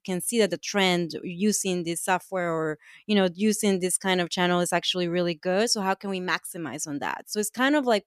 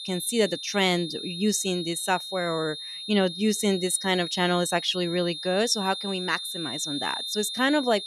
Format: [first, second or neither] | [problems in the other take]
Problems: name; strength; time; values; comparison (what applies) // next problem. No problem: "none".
first | high-pitched whine; loud; throughout; 3.5 kHz, 7 dB below the speech